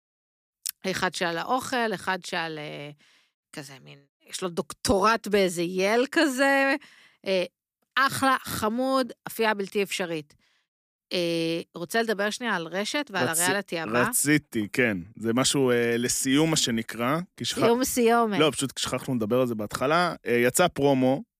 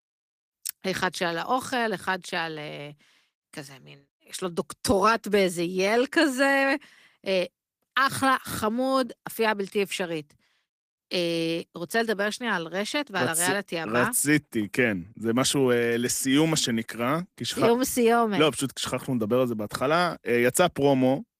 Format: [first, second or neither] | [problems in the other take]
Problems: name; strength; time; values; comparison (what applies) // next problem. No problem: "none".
first | garbled, watery; slightly; nothing above 15 kHz